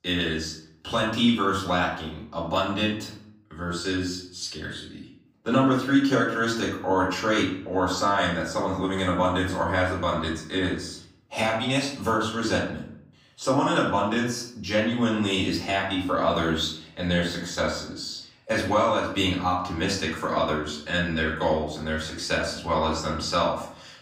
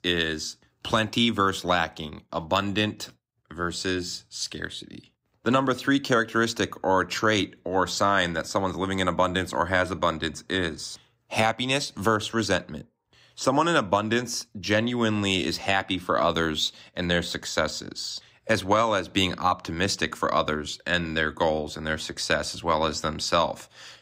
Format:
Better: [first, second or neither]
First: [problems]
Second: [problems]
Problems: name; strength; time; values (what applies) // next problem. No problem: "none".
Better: second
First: off-mic speech; far // room echo; noticeable; dies away in 0.5 s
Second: none